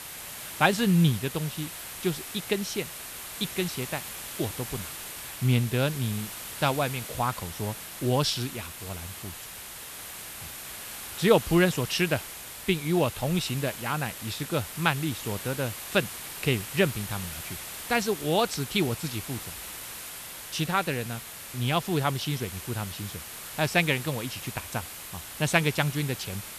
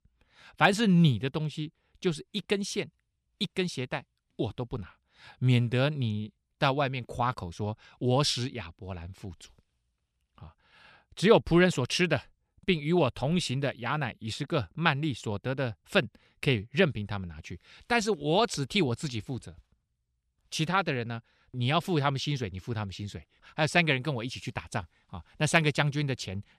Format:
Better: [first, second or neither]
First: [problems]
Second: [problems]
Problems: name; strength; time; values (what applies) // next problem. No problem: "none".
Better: second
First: hiss; loud; throughout; 9 dB below the speech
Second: none